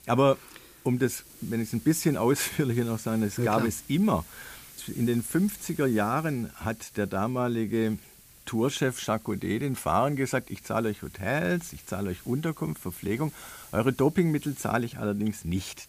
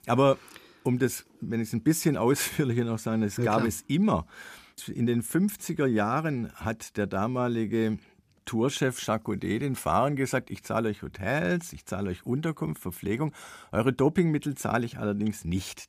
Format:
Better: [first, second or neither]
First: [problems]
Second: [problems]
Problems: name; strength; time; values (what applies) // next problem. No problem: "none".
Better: second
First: hiss; noticeable; throughout; 20 dB below the speech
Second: none